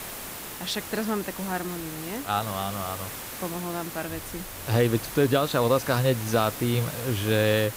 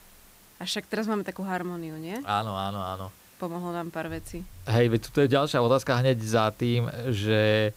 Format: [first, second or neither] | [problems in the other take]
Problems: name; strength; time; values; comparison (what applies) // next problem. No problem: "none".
second | hiss; loud; throughout; 9 dB below the speech; faint in the second